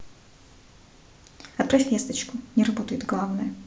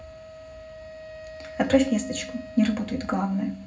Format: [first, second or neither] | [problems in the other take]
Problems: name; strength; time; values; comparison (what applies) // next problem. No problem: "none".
first | background sound (Wind instrument, woodwind instrument); 15 dB below the speech // room echo; dies away in 0.4 s